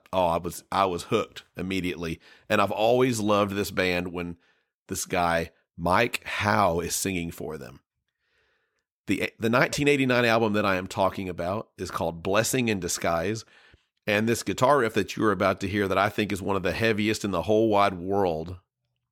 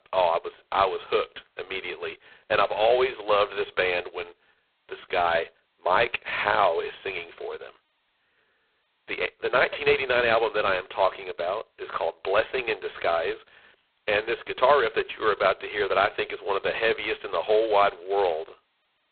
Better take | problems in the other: first | phone-call audio; poor line; nothing above 4 kHz

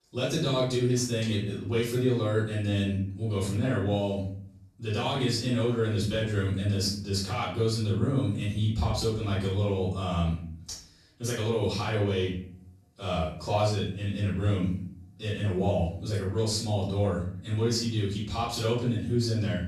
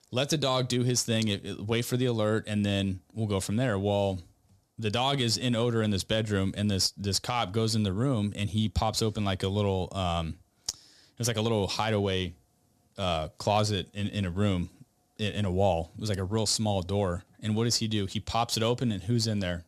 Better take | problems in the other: second | off-mic speech; far // room echo; noticeable; dies away in 0.7 s

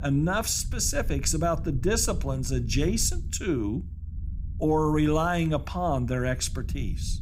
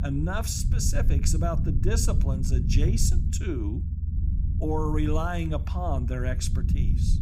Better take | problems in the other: first | low rumble; loud; throughout; 9 dB below the speech; faint in the first

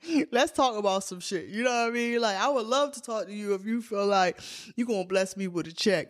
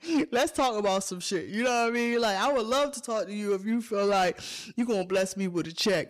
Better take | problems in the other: first | distortion; slight; 10 dB below the speech

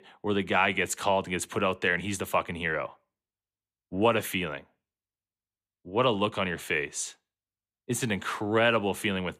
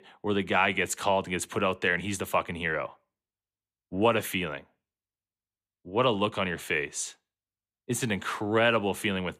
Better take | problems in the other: neither | none

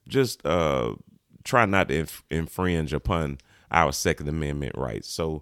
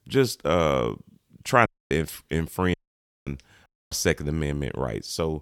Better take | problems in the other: first | audio cutting out; at 1.5 s, at 2.5 s for 0.5 s and at 3.5 s

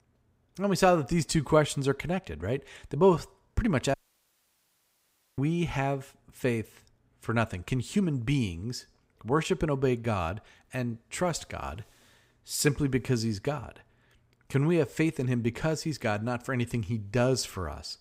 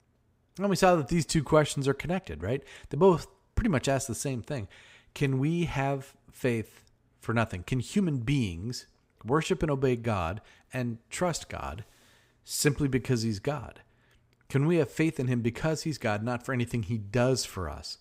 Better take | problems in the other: second | audio cutting out; at 4 s for 1.5 s

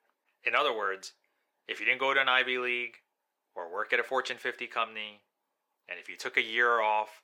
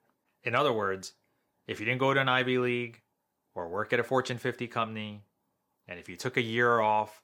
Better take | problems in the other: second | thin; somewhat; fading below 450 Hz

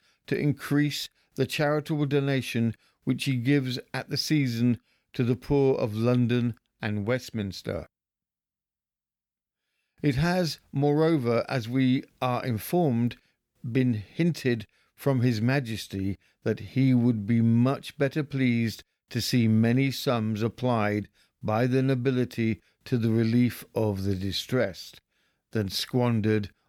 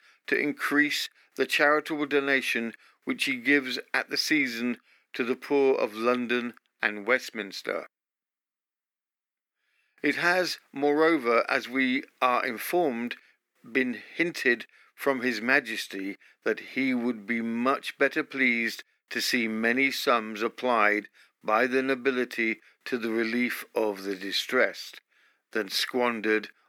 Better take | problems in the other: first | thin; somewhat; fading below 300 Hz

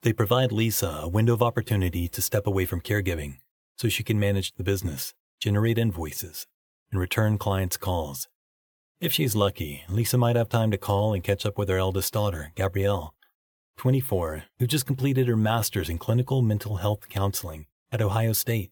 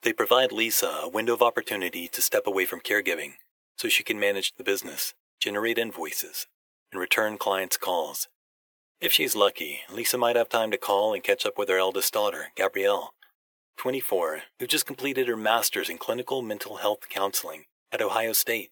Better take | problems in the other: first | thin; very; fading below 400 Hz

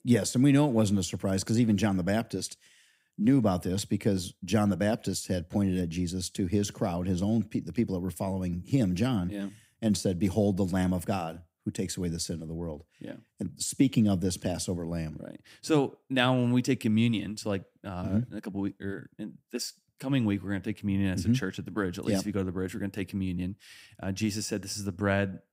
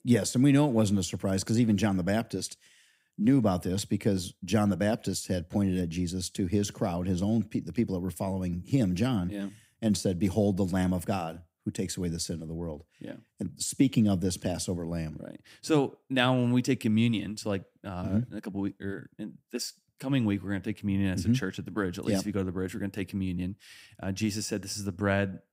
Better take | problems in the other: neither | none

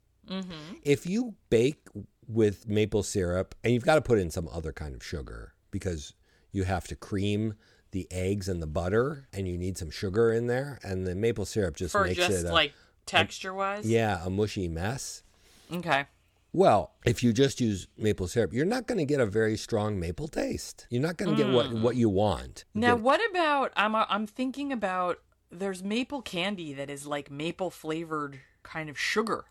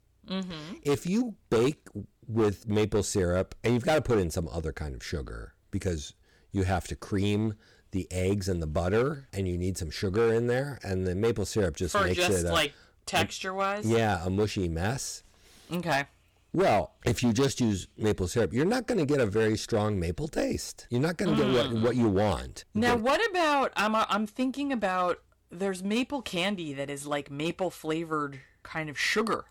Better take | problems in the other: first | distortion; slight; 6% of the sound clipped

